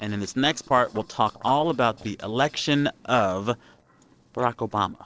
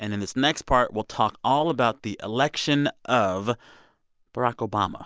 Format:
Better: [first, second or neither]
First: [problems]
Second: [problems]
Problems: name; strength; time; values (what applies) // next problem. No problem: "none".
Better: second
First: noise reduction (neural separator model SepFormer DNS4)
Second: none